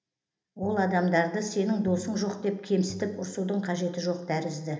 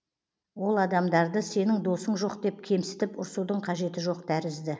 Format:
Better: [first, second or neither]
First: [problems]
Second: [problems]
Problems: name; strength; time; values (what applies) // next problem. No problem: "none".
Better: second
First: background sound (Tap); 19 dB below the speech // room echo; dies away in 0.8 s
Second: none